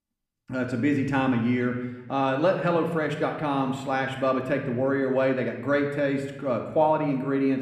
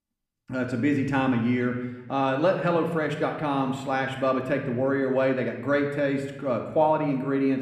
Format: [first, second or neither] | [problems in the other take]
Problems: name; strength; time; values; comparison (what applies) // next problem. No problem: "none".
neither | room echo; slight; dies away in 0.9 s; the same in both